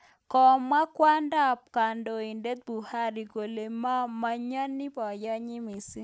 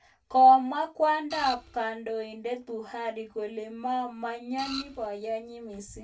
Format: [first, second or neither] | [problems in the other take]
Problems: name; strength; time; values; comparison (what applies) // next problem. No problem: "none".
first | background sound (Printer); 12 dB below the speech // room echo; dies away in 0.2 s